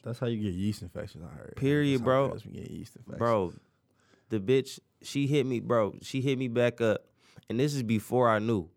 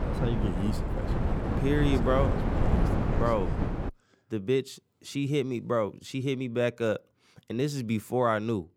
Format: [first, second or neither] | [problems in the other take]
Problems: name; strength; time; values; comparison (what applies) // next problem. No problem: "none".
first | wind noise on the microphone; heavy; until 4 s; 4 dB below the speech